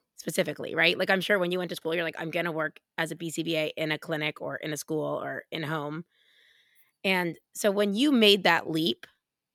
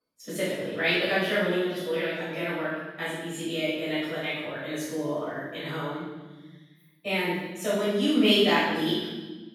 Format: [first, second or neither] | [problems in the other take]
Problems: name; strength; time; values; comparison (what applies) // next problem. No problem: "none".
first | room echo; strong; dies away in 1.2 s // off-mic speech; far